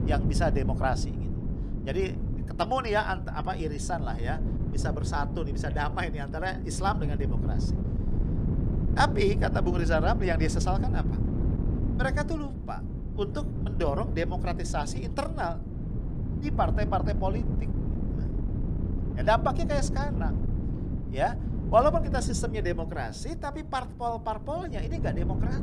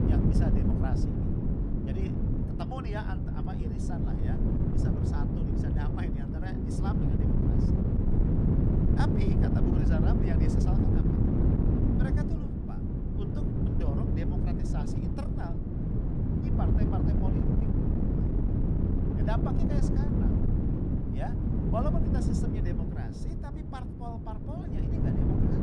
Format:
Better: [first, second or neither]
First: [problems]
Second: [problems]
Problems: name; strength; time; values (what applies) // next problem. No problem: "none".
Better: first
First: wind noise on the microphone; occasional gusts; 10 dB below the speech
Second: wind noise on the microphone; heavy; 4 dB above the speech